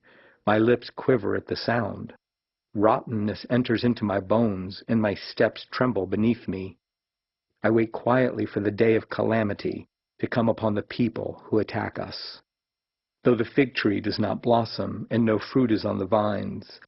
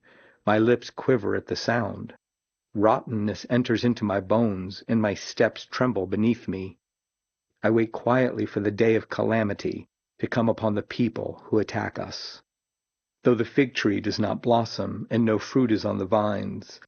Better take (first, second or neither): second